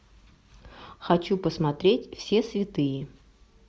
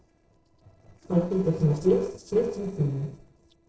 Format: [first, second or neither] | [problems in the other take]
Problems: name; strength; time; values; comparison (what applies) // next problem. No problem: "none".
first | noise reduction (neural separator model SepFormer DNS4)